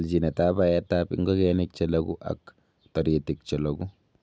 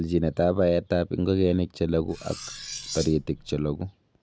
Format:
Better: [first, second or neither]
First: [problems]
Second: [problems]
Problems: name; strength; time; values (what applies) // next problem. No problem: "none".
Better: first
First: none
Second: background sound (Cutlery, silverware); 13 dB below the speech